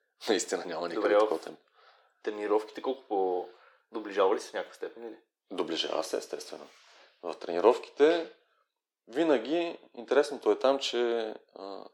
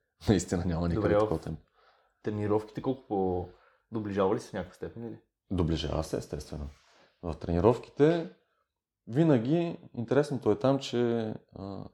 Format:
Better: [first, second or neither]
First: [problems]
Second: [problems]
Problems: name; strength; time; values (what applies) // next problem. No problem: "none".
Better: second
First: thin; somewhat; fading below 350 Hz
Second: none